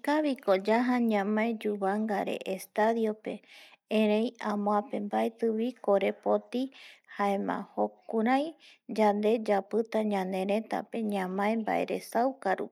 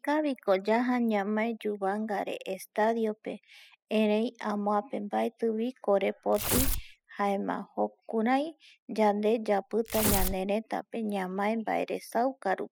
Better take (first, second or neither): first